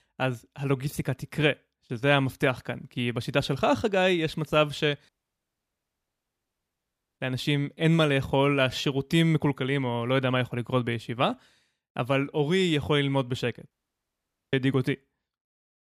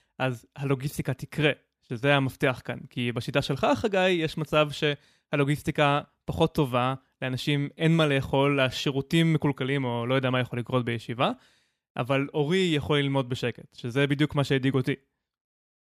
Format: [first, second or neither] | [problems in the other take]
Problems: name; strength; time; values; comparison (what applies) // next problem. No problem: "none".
second | audio cutting out; at 5 s for 2 s and at 14 s for 1 s